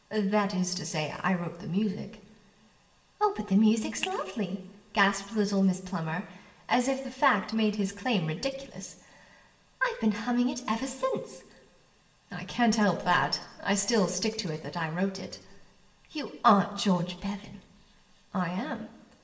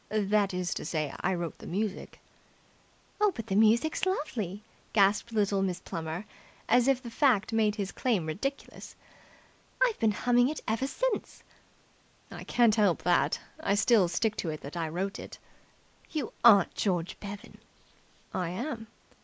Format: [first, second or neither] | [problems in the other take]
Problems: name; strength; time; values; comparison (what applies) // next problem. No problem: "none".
second | room echo; dies away in 0.9 s